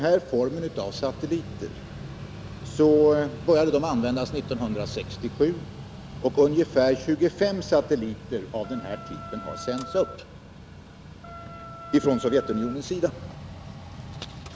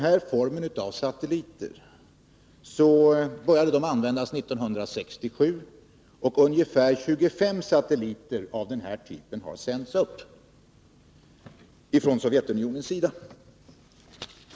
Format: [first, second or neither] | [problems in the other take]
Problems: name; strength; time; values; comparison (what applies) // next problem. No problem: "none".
second | background sound (Mechanical fan + Wind instrument, woodwind instrument); 13 dB below the speech